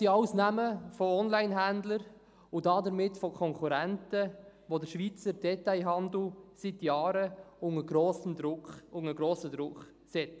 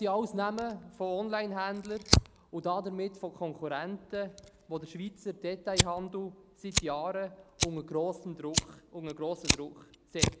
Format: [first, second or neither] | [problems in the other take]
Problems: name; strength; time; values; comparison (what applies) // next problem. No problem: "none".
first | background sound (Fire); as loud as the speech